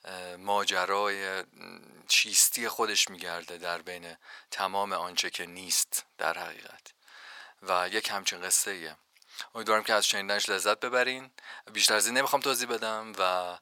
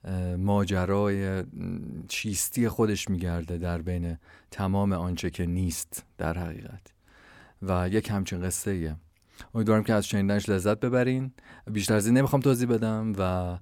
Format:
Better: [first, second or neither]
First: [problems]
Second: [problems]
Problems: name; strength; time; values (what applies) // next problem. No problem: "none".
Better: second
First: thin; very; fading below 900 Hz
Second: none